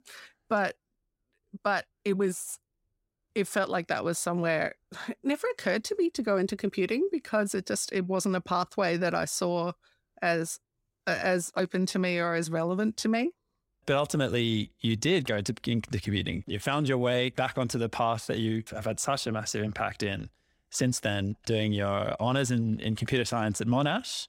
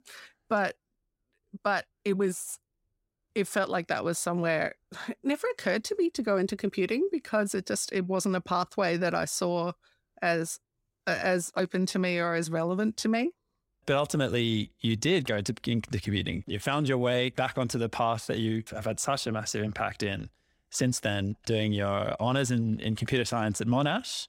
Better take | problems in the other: neither | none

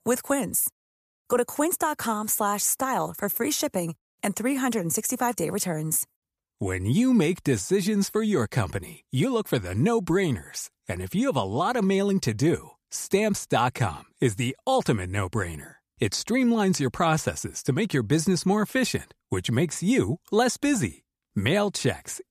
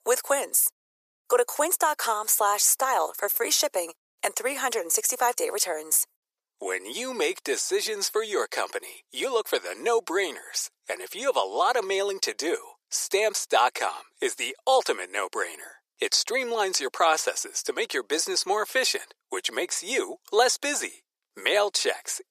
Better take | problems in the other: first | thin; very; fading below 400 Hz

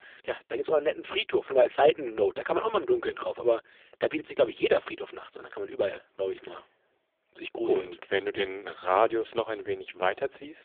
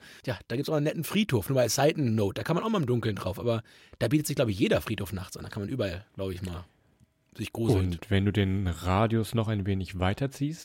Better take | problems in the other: second | phone-call audio; poor line

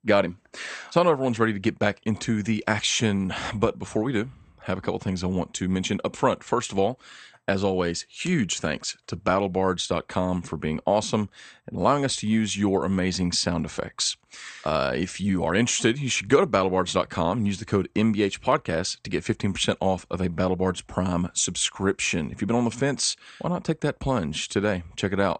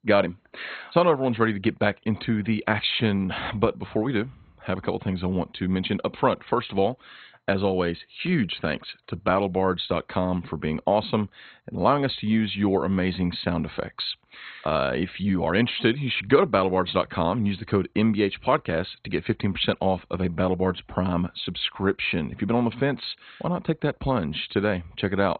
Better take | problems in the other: first | garbled, watery; badly; nothing above 4 kHz; slightly in the first

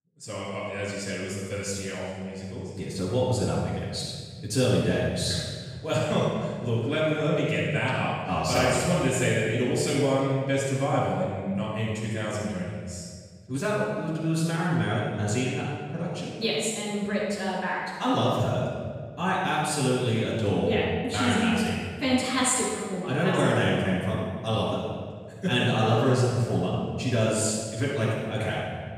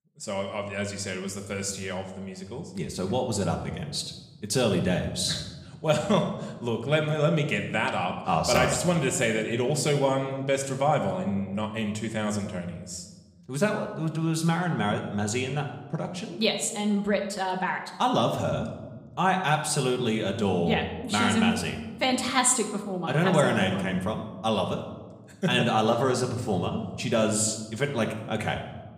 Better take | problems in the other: second | room echo; strong; dies away in 1.7 s; slight in the second // off-mic speech; far

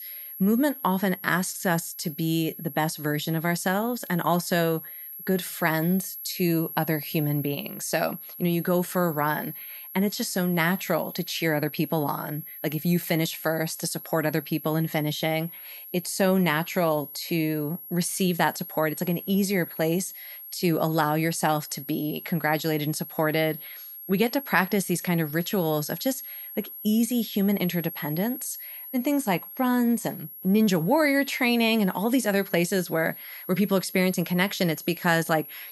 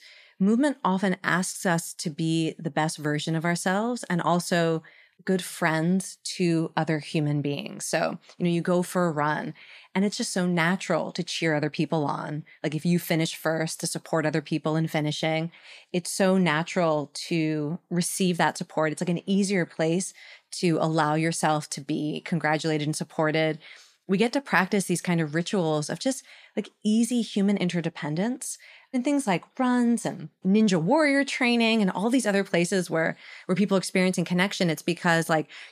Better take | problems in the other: second | high-pitched whine; noticeable; throughout; 11.5 kHz, 10 dB below the speech

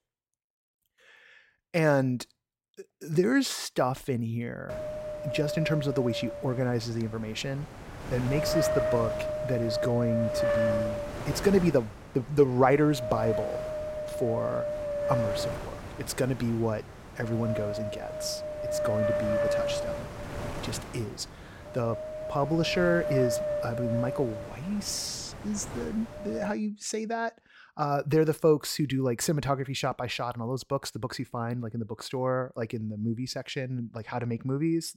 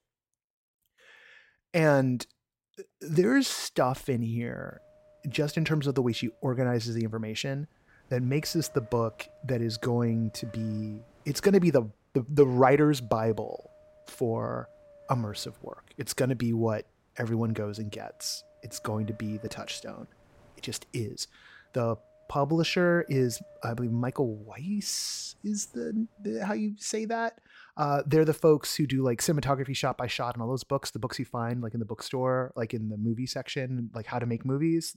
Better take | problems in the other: second | wind noise on the microphone; heavy; from 4.5 to 27 s; as loud as the speech; occasional gusts in the second

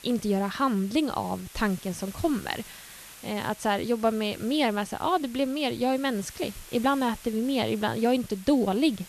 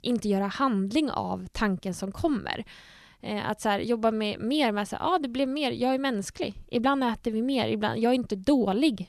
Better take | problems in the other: second | hiss; noticeable; throughout; 20 dB below the speech

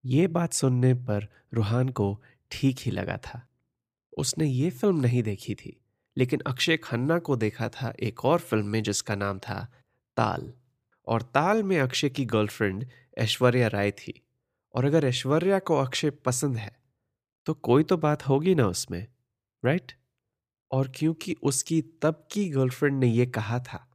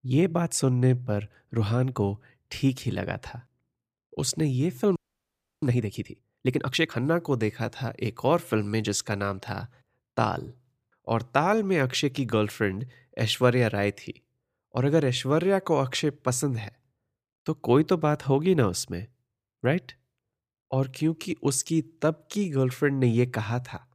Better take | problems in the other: first | audio freezing; at 5 s for 0.5 s

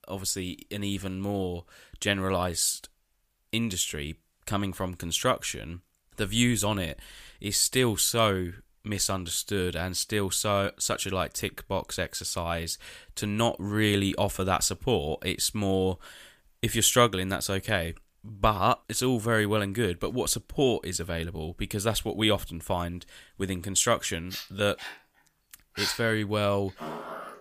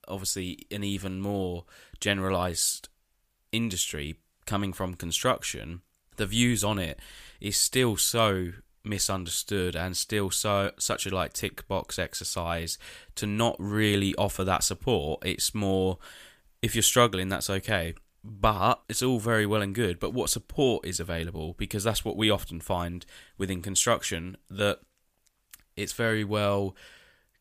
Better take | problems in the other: second | dog barking; noticeable; from 24 s on; peak 3 dB below the speech

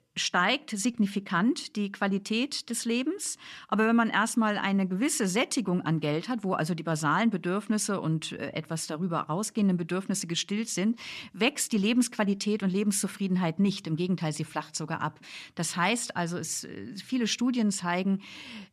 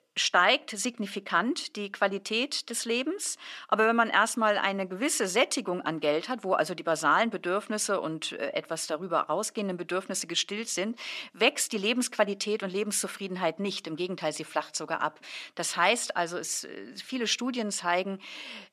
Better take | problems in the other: first | thin; somewhat; fading below 400 Hz

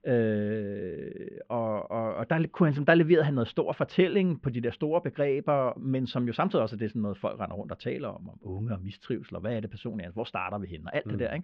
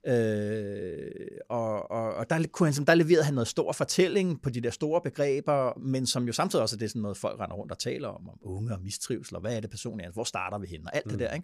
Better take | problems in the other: second | muffled; very; fading above 3.5 kHz

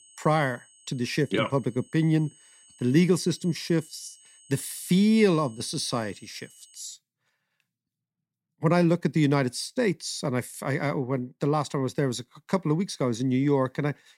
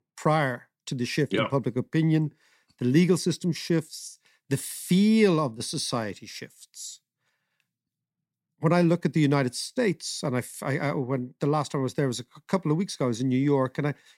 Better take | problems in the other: second | high-pitched whine; faint; until 7 s; 8 kHz, 25 dB below the speech

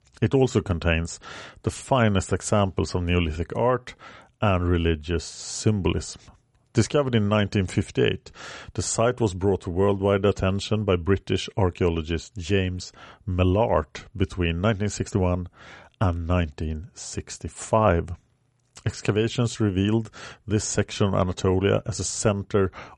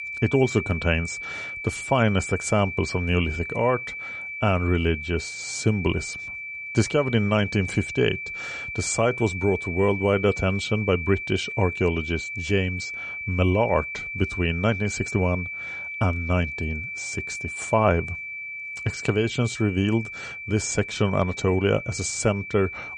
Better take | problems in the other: first | high-pitched whine; loud; throughout; 2.5 kHz, 7 dB below the speech

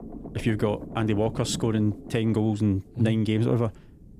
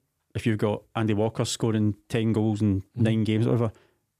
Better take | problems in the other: second | low rumble; noticeable; throughout; 15 dB below the speech

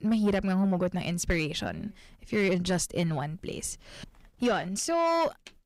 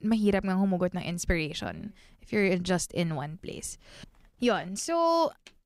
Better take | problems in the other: second | distortion; slight; 10 dB below the speech

